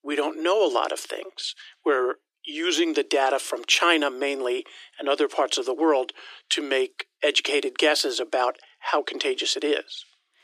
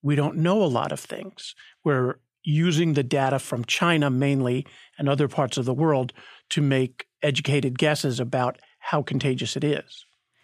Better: second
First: thin; very; fading below 300 Hz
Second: none

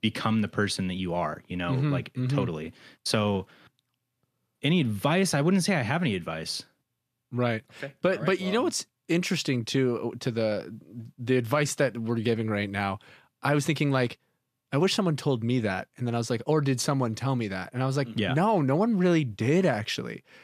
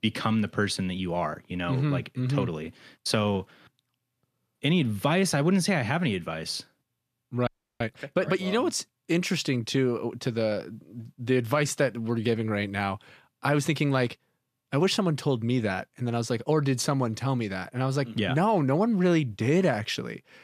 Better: first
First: none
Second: audio freezing; at 7.5 s

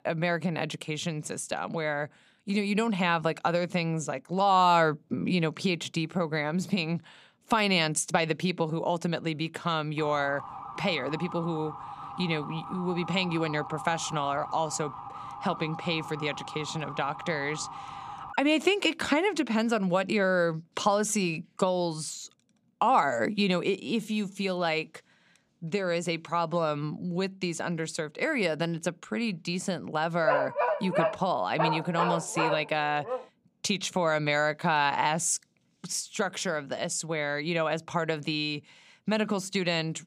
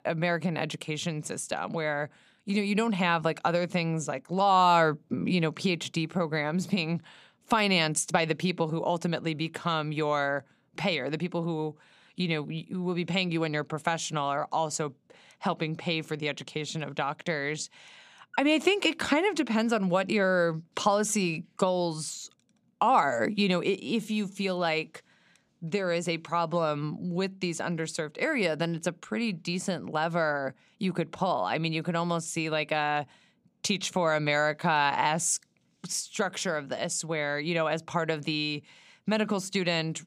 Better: second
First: siren; faint; from 10 to 18 s; peak 10 dB below the speech // dog barking; loud; from 30 to 33 s; peak 2 dB above the speech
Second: none

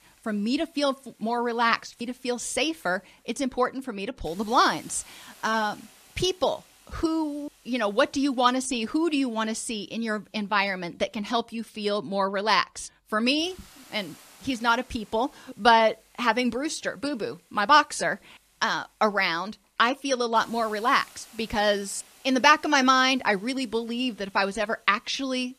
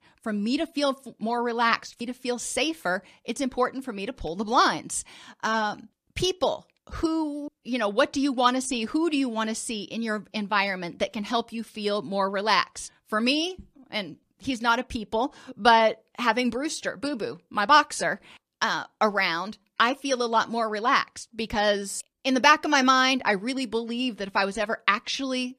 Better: second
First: hiss; faint; throughout; 25 dB below the speech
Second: none

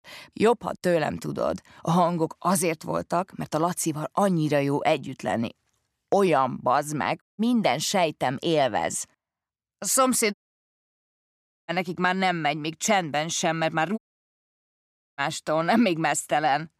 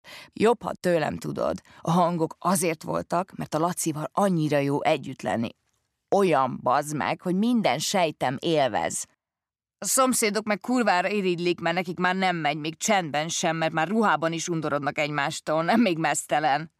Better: second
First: audio cutting out; at 7 s, at 10 s for 1.5 s and at 14 s for 1 s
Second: none

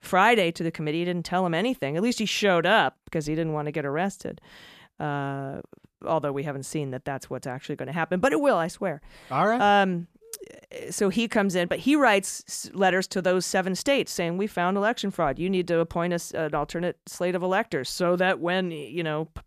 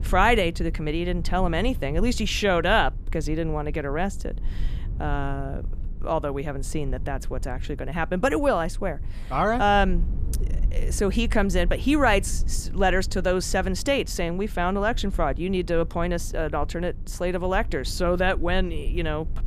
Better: first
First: none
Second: low rumble; faint; throughout; 25 dB below the speech

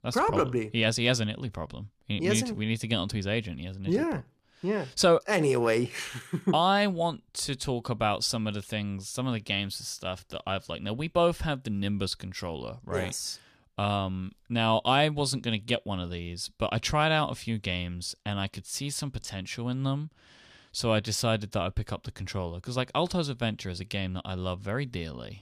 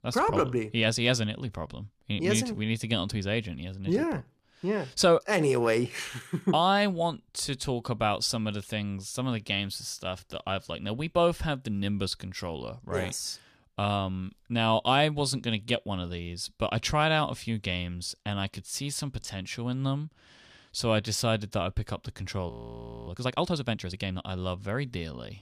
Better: first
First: none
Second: audio freezing; at 23 s for 0.5 s

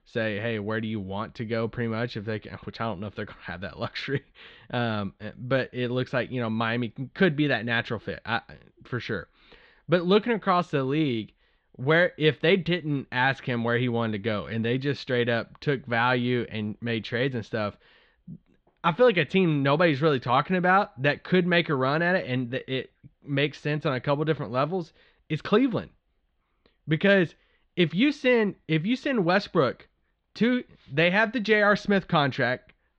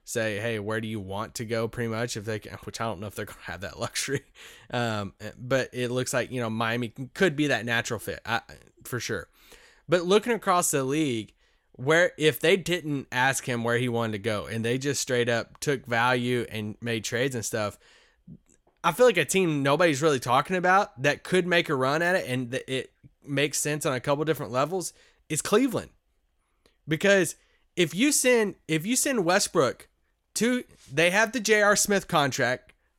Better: second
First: muffled; slightly; fading above 4 kHz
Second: none

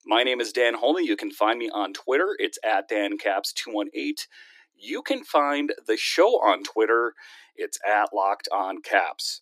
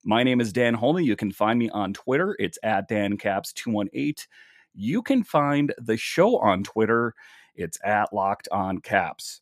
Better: second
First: thin; somewhat; fading below 300 Hz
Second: none

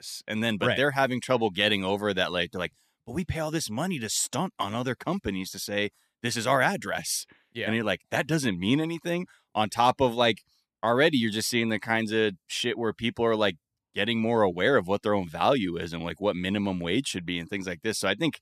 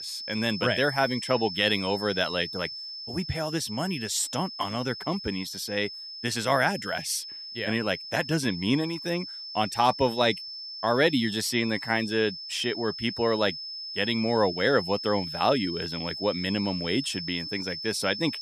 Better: first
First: none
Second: high-pitched whine; loud; throughout; 5 kHz, 8 dB below the speech

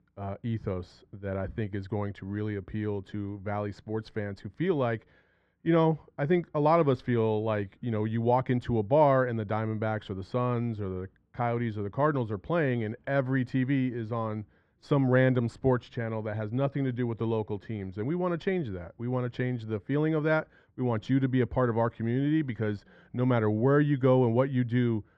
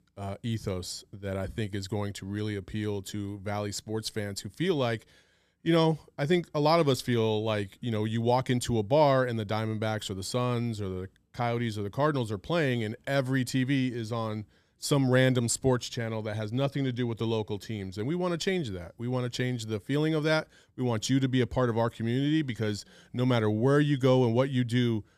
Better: second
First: muffled; very; fading above 1.5 kHz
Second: none

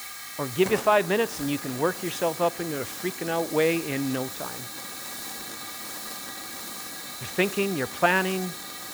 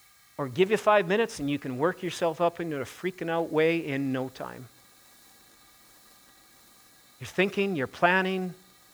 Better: second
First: hiss; loud; throughout; 8 dB below the speech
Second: hiss; faint; throughout; 25 dB below the speech

